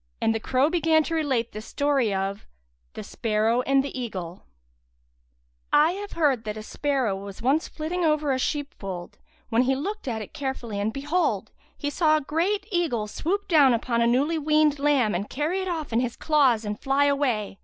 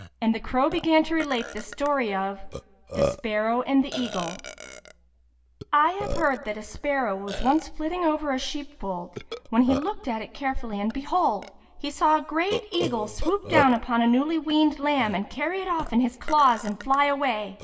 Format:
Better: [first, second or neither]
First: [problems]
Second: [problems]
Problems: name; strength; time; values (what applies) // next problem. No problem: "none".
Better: first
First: none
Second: background sound (Burping, eructation); 11 dB below the speech // room echo; dies away in 0.8 s